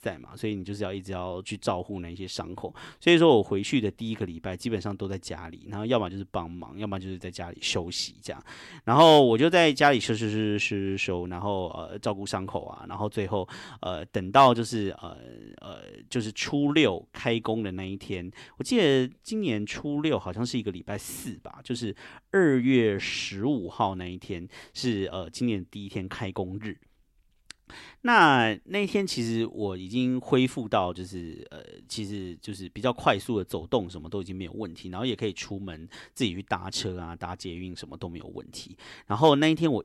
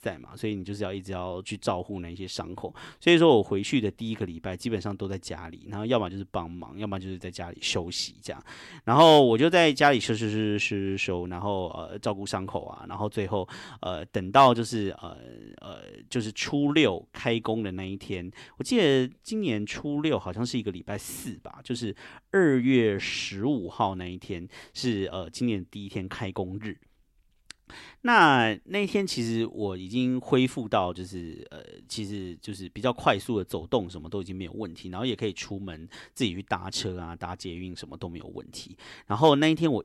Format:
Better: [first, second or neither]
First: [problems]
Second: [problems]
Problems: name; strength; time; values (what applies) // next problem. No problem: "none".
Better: neither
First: none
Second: none